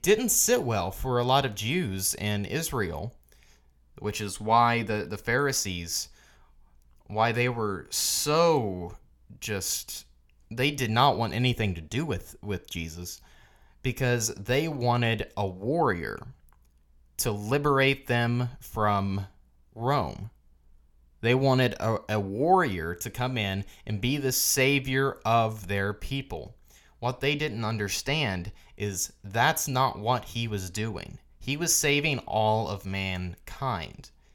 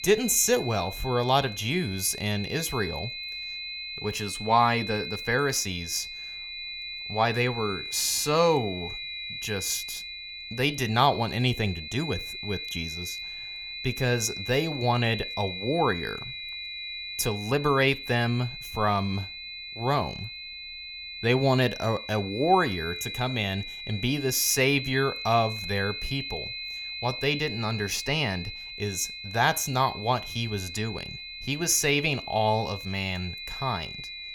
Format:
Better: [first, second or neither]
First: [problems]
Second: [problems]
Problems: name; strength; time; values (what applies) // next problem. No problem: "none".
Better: first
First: none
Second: high-pitched whine; loud; throughout; 4 kHz, 8 dB below the speech